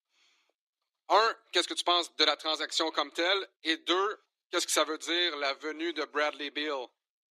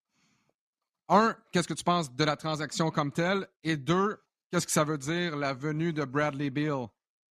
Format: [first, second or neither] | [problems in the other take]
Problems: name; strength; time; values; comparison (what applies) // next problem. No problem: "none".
second | thin; very; fading below 350 Hz